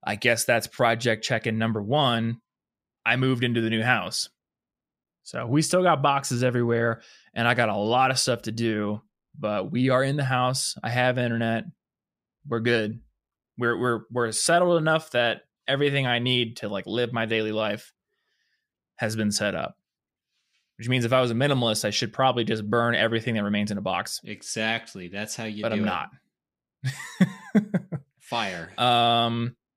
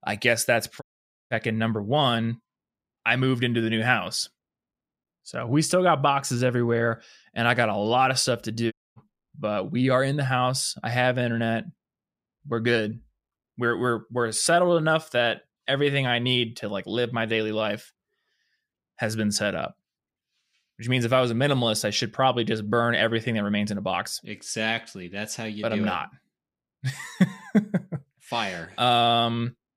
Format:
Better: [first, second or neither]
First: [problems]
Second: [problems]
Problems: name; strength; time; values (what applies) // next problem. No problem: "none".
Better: first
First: none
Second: audio cutting out; at 1 s and at 8.5 s